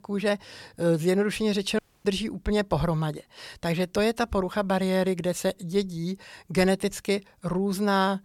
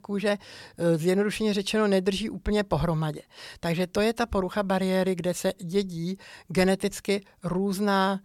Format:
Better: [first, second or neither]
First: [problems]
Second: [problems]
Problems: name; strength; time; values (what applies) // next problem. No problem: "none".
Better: second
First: audio cutting out; at 2 s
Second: none